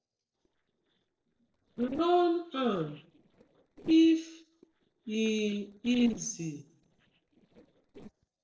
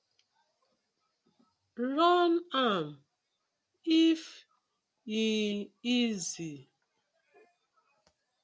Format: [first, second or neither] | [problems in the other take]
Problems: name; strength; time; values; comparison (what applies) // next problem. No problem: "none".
second | noise reduction (neural separator model SepFormer DNS4)